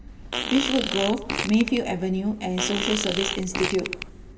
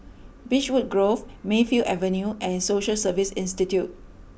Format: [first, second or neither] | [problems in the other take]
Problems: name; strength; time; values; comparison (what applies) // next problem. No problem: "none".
second | background sound (Fart); 5 dB below the speech // room echo; dies away in 1.7 s